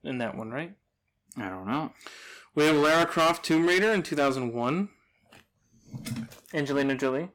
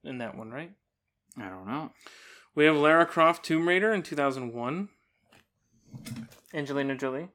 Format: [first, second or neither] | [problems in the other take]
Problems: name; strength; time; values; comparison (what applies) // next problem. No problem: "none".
second | distortion; heavy; 7% of the sound clipped